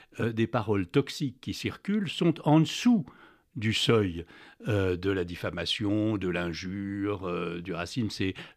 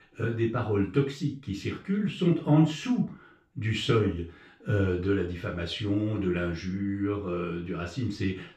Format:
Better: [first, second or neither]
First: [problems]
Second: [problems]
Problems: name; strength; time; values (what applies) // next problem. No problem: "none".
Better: first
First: none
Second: room echo; noticeable; dies away in 0.3 s // off-mic speech; far